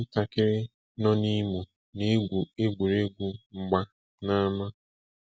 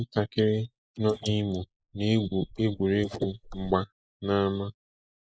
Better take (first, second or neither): first